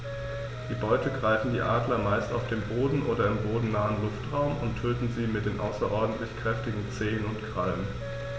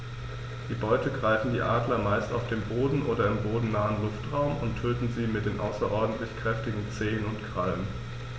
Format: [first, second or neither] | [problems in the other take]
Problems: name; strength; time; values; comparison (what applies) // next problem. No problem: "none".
second | background sound (Wind instrument, woodwind instrument); 16 dB below the speech